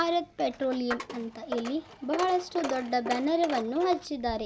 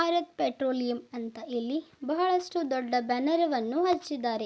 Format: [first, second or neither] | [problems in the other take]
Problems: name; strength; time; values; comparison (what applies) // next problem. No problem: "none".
second | background sound (Coin (dropping)); 11 dB below the speech